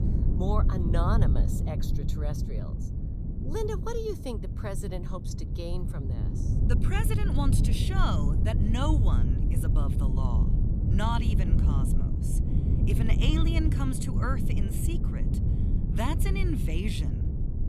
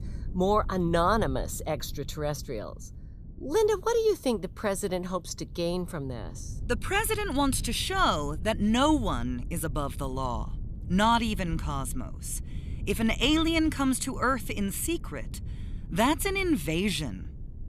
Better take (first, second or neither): second